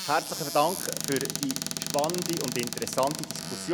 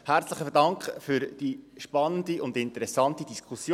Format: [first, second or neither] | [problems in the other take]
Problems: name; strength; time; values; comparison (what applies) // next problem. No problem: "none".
second | background sound (Squeak / Cupboard open or close); 4 dB below the speech